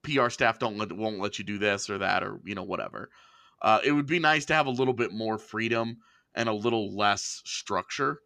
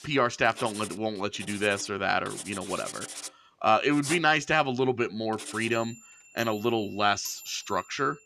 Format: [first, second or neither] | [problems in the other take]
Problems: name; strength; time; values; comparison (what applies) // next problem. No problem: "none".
first | household noises; noticeable; throughout; 15 dB below the speech